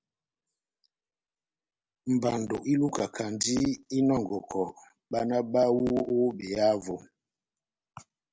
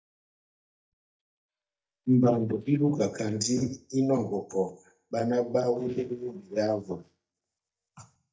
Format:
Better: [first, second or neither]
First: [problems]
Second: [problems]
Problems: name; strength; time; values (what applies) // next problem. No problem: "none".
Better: first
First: none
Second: noise reduction (neural mask model DeepFilterNet 3)